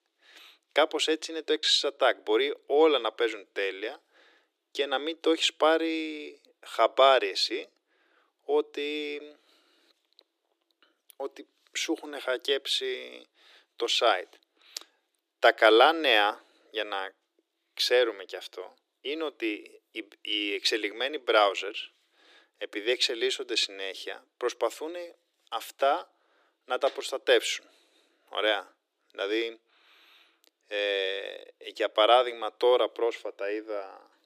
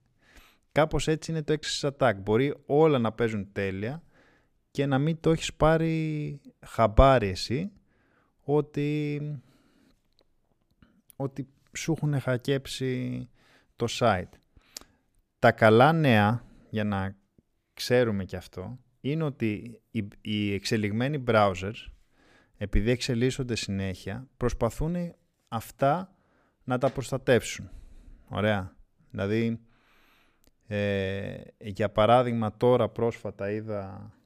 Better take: second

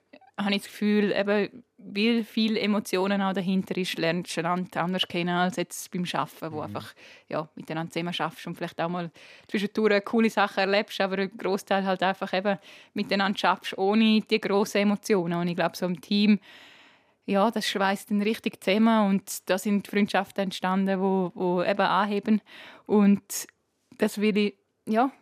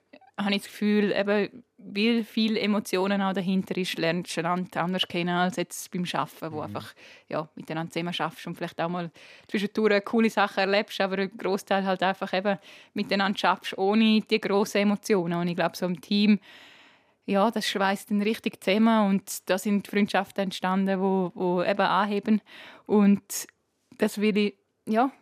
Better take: neither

